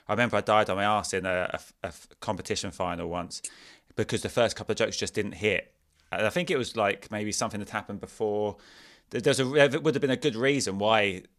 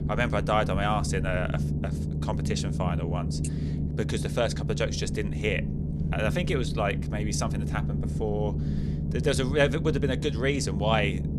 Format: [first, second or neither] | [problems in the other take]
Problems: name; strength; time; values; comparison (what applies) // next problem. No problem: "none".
first | low rumble; loud; throughout; 10 dB below the speech